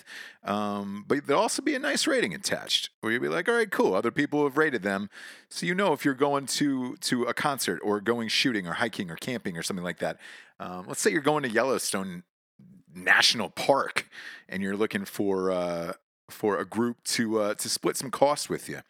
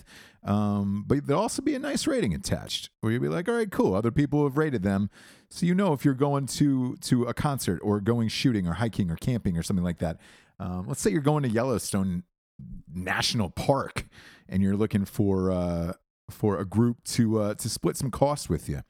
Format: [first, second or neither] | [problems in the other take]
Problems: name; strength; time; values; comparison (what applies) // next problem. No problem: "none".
second | thin; somewhat; fading below 300 Hz